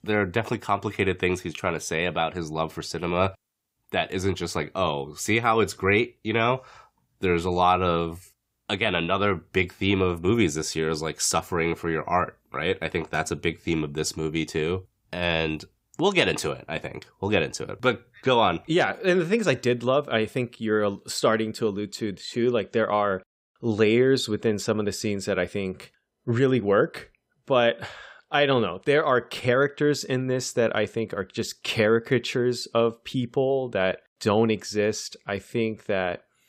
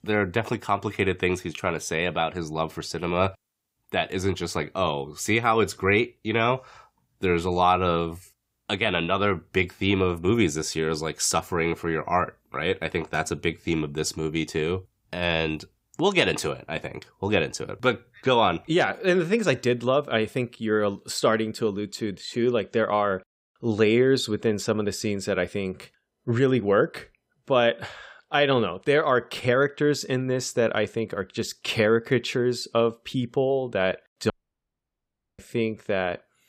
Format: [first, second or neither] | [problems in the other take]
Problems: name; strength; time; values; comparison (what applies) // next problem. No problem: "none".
first | audio cutting out; at 34 s for 1 s